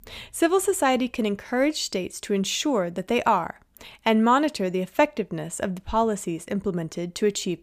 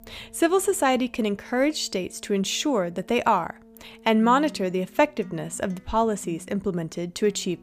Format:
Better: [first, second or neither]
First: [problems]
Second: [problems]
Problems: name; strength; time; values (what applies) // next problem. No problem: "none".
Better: first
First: none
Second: background music; faint; throughout; 20 dB below the speech